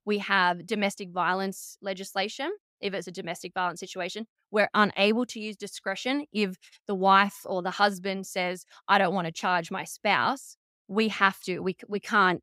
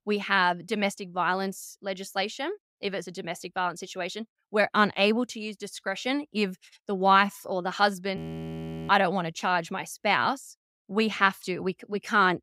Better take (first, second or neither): first